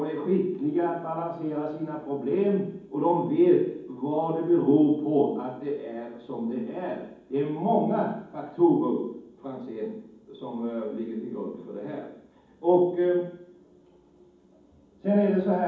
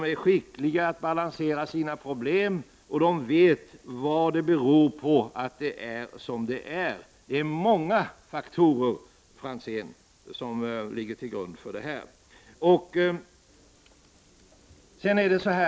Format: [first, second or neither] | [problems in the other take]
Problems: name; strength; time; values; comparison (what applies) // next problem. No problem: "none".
second | room echo; dies away in 1.2 s